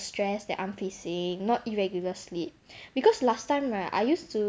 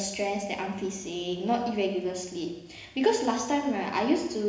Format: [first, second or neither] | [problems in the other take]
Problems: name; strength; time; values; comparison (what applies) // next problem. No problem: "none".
first | room echo; dies away in 1 s